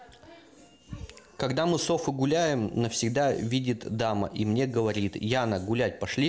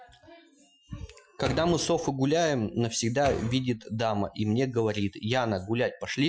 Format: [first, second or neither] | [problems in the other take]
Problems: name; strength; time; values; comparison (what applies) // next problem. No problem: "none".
first | noise reduction (classical method Wiener filter)